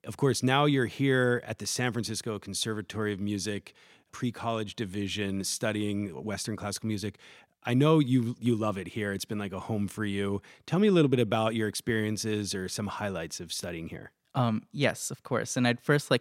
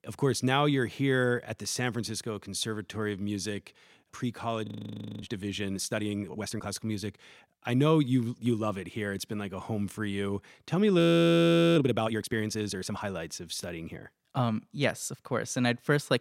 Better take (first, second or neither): first